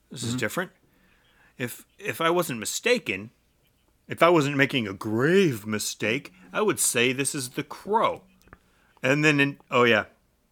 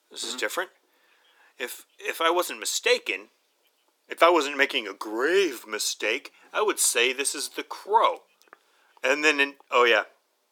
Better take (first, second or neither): first